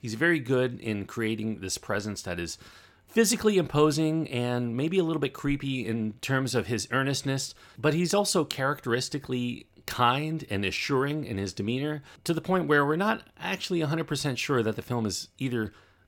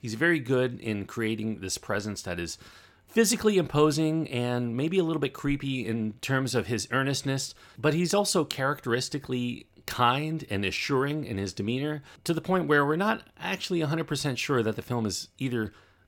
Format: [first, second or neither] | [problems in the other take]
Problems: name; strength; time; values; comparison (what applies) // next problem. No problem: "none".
neither | none